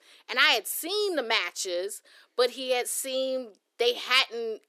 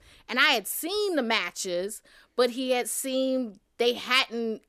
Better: second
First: thin; somewhat; fading below 350 Hz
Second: none

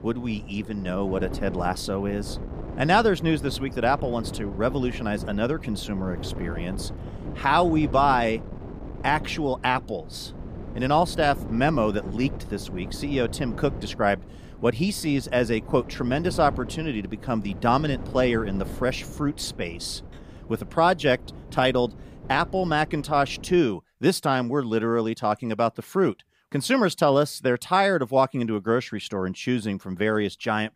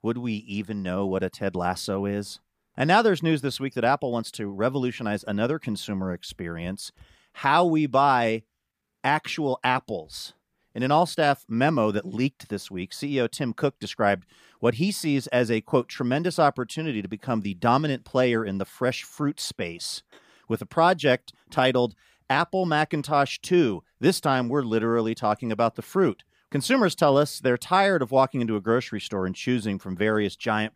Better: second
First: wind noise on the microphone; occasional gusts; until 24 s; 20 dB below the speech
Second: none

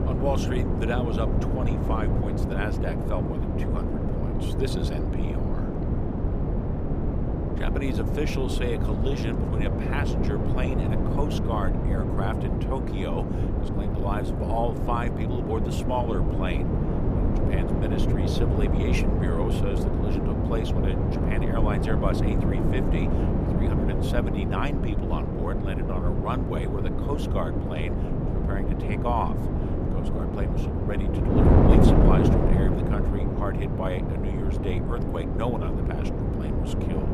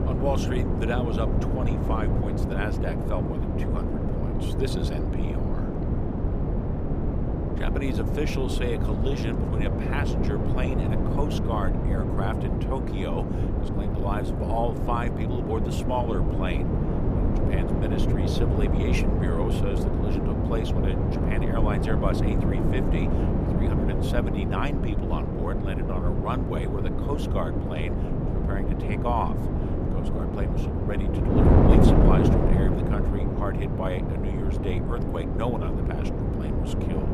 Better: neither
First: wind noise on the microphone; heavy; 1 dB above the speech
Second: wind noise on the microphone; heavy; 1 dB above the speech

